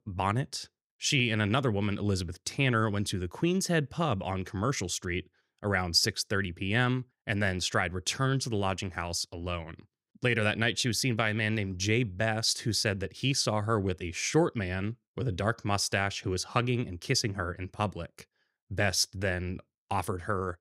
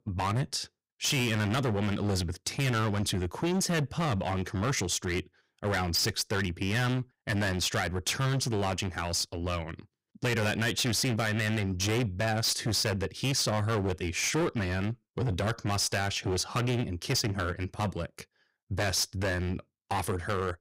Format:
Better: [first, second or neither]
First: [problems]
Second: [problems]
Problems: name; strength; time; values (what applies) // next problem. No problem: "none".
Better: first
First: none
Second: distortion; heavy; 18% of the sound clipped